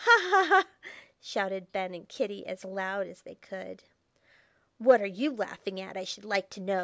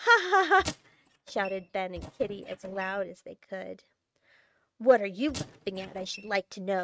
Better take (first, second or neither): first